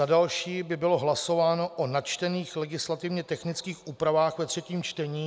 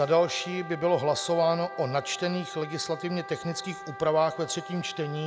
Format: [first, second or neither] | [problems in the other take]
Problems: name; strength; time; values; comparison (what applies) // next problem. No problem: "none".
first | background sound (Wind instrument, woodwind instrument); 13 dB below the speech